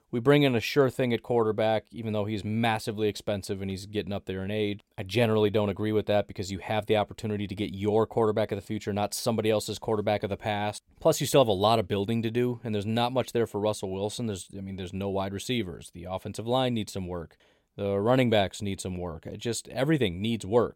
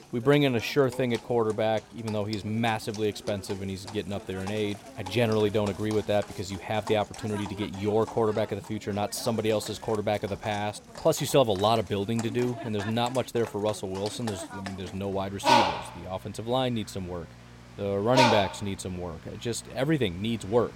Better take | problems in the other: first | animal sounds; loud; throughout; 6 dB below the speech

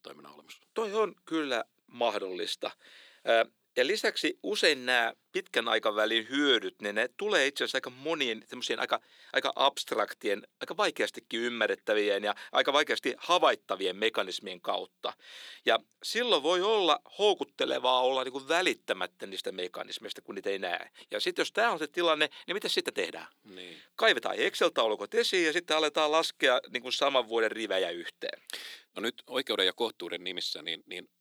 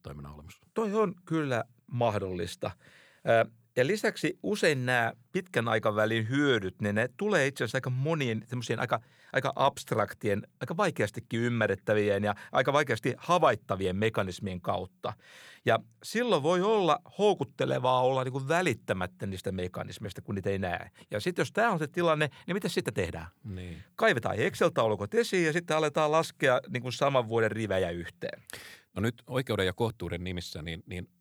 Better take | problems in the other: second | thin; somewhat; fading below 300 Hz

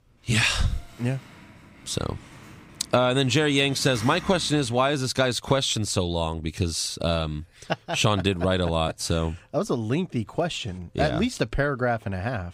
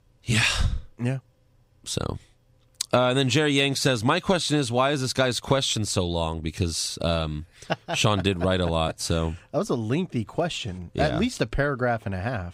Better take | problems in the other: second | door banging; faint; from 0.5 to 5 s; peak 10 dB below the speech

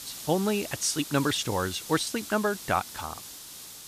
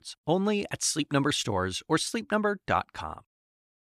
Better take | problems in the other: second | hiss; noticeable; throughout; 10 dB below the speech

